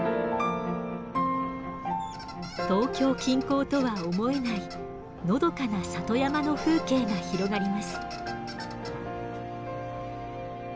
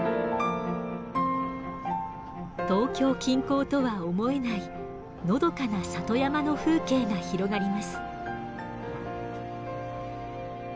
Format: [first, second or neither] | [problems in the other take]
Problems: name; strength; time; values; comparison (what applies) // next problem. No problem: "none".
second | background sound (Squeak); 17 dB below the speech